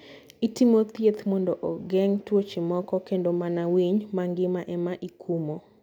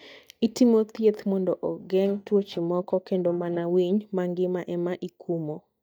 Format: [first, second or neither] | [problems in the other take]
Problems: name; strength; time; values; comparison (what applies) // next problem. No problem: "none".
first | noise reduction (neural mask model DeepFilterNet 3)